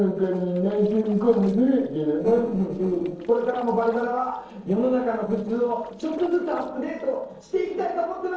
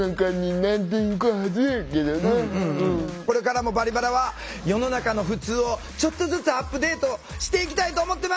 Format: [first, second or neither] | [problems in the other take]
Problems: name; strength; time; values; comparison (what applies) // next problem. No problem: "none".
second | noise reduction (neural separator model SepFormer DNS4)